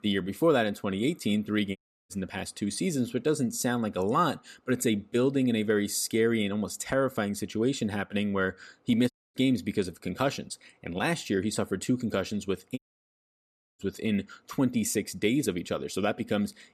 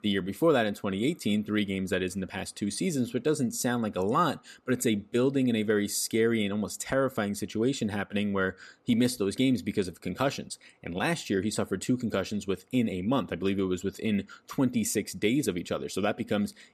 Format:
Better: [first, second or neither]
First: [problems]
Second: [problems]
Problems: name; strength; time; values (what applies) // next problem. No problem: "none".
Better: second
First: audio cutting out; at 2 s, at 9 s and at 13 s for 1 s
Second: none